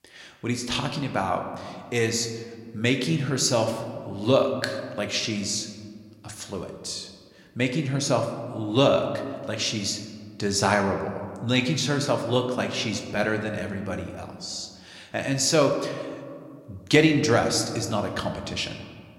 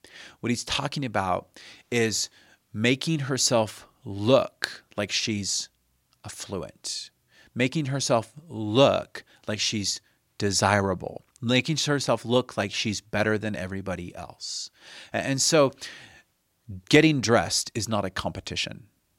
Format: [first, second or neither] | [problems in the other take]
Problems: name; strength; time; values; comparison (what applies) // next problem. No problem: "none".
second | room echo; slight; dies away in 1.5 s